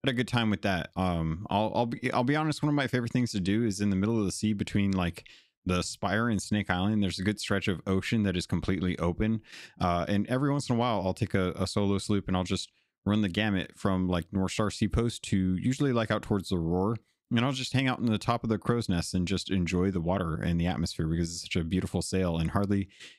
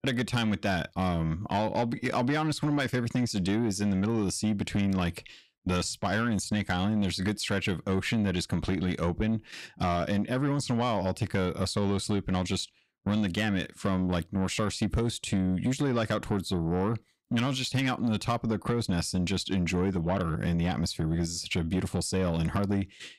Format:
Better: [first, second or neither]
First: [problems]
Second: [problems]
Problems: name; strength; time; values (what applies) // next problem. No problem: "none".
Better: first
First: none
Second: distortion; slight; 10 dB below the speech